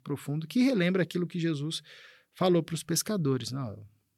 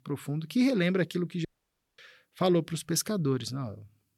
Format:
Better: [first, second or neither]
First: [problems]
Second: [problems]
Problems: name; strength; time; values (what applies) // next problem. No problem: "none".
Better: first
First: none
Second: audio cutting out; at 1.5 s for 0.5 s